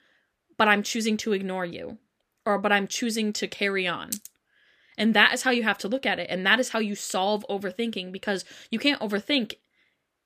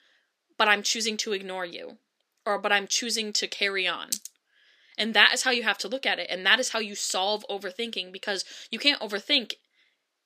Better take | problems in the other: first | thin; very slightly; fading below 300 Hz

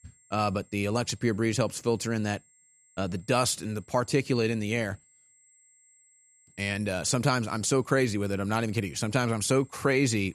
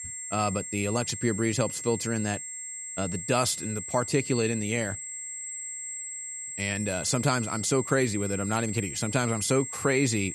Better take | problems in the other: first | high-pitched whine; loud; throughout; 7.5 kHz, 7 dB below the speech; faint in the first

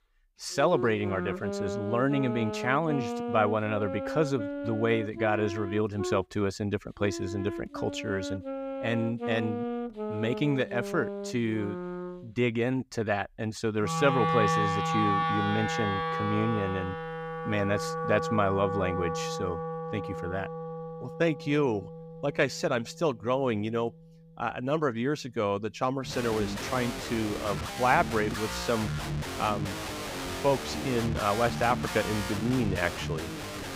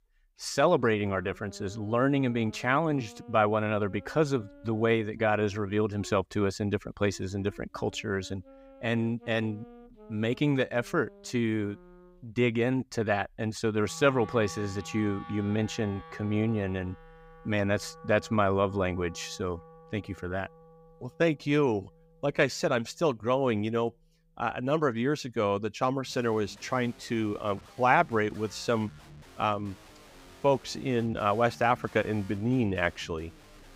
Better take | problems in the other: second | background music; loud; throughout; 4 dB below the speech; faint in the second

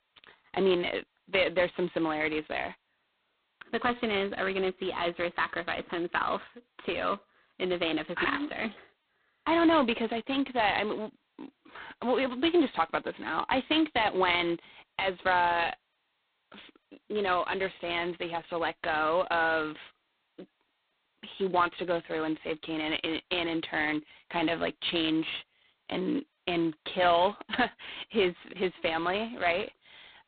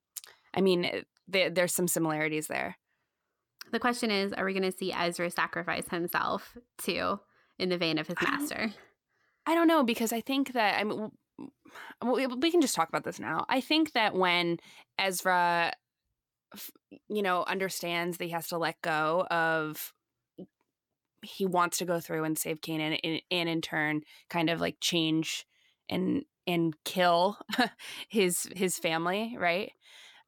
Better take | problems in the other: second | phone-call audio; poor line; nothing above 4 kHz

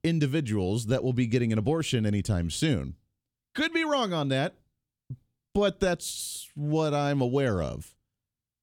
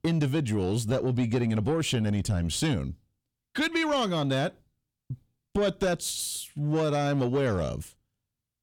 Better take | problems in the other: first | distortion; slight; 10 dB below the speech

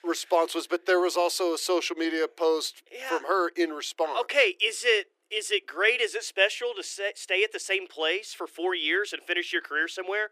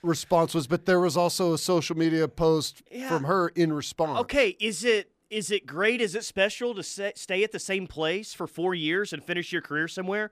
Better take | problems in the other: second | thin; very; fading below 350 Hz

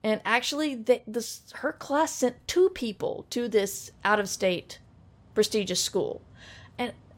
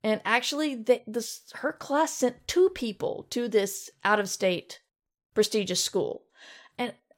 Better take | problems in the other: second | machinery noise; faint; throughout; 30 dB below the speech

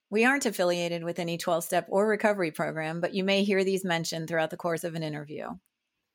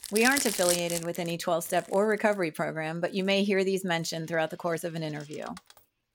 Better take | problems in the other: first | household noises; loud; throughout; 2 dB below the speech

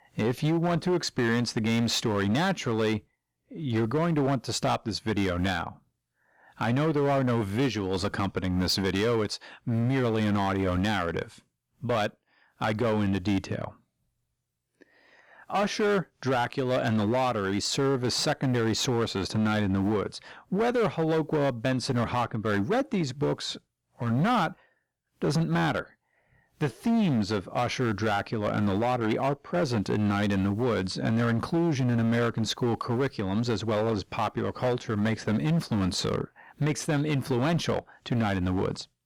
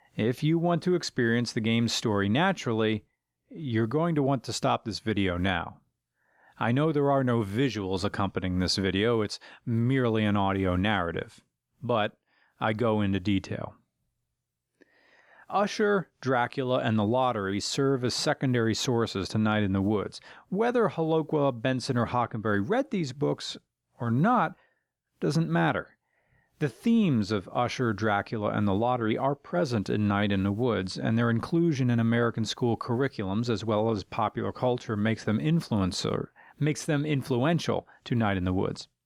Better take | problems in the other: second | distortion; slight; 12% of the sound clipped

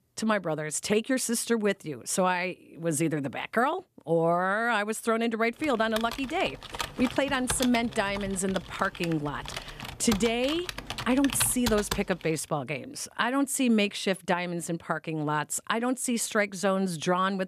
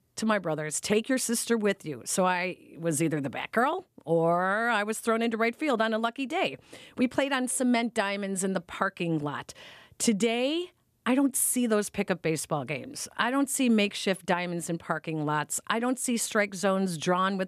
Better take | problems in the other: second | keyboard typing; noticeable; from 5.5 to 12 s; peak 4 dB below the speech

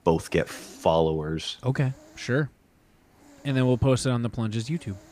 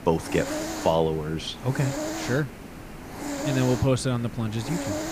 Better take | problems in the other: first | hiss; loud; throughout; 7 dB below the speech; faint in the first

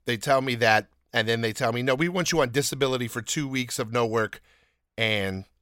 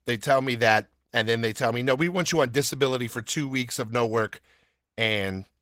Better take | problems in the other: first | garbled, watery; slightly; nothing above 16 kHz

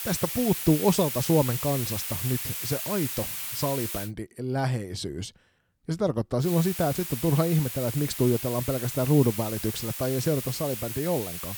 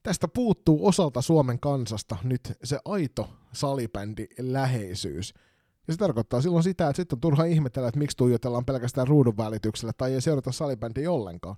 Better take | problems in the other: second | hiss; loud; until 4 s and from 6.5 s on; 5 dB below the speech

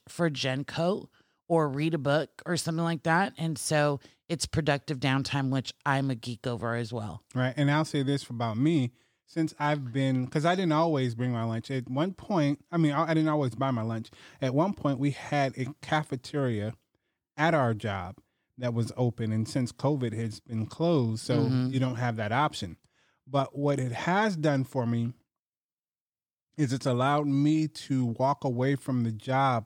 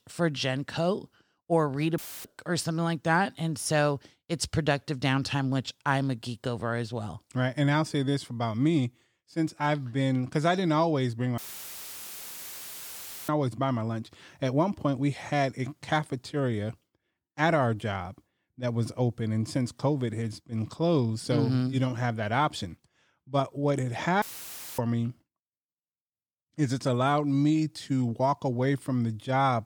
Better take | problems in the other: first | audio cutting out; filled with static; at 2 s, at 11 s for 2 s and at 24 s for 0.5 s

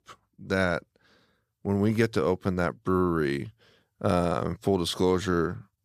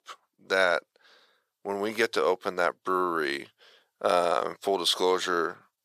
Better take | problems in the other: first | thin; very; fading below 600 Hz

